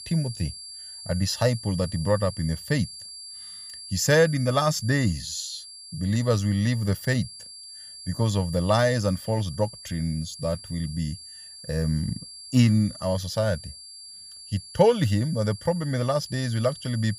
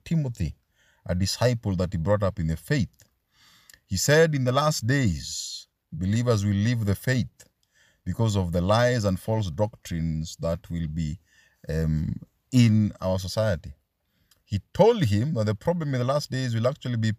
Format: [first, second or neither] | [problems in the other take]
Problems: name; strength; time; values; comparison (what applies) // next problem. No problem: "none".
second | high-pitched whine; noticeable; throughout; 4.5 kHz, 15 dB below the speech